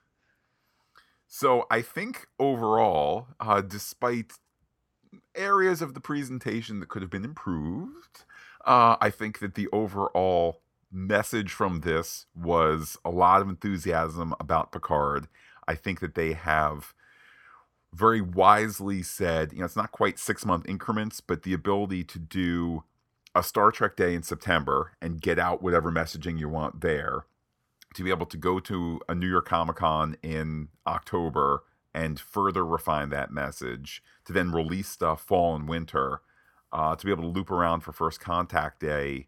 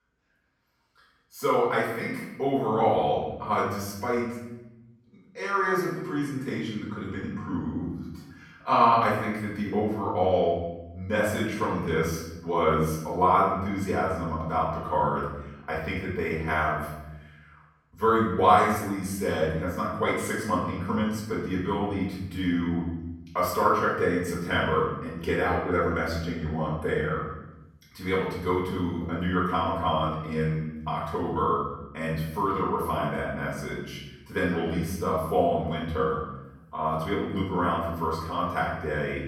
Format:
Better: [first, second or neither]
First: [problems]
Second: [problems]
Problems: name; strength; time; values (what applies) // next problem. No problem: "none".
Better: first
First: none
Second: off-mic speech; far // room echo; noticeable; dies away in 1 s